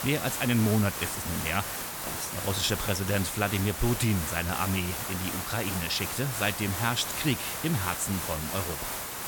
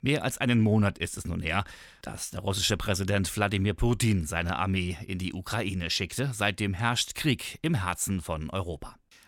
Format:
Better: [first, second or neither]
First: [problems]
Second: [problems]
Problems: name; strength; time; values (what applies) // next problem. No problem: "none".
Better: second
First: hiss; loud; throughout; 3 dB below the speech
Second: none